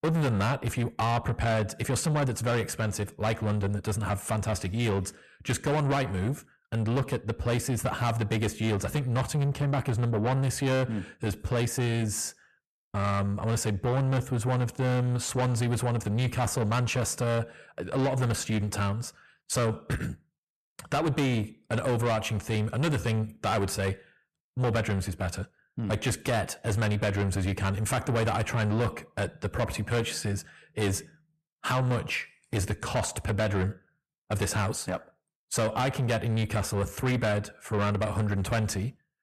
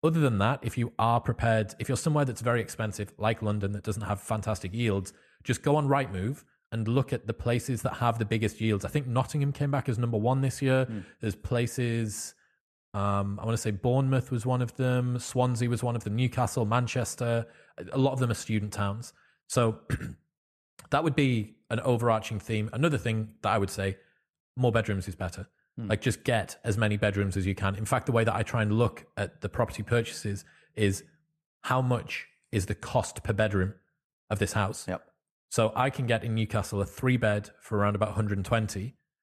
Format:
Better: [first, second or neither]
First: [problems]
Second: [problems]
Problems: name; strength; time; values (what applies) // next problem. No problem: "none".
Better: second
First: distortion; heavy; 7 dB below the speech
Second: none